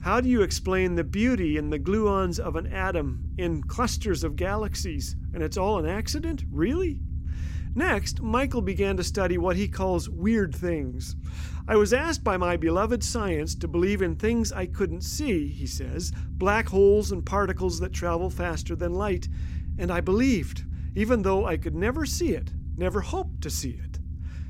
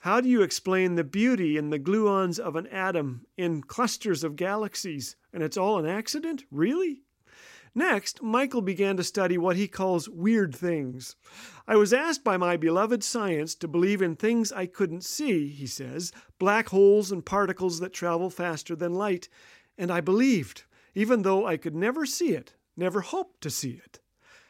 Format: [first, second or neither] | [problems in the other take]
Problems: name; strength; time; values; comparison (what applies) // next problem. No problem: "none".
second | low rumble; faint; throughout; 20 dB below the speech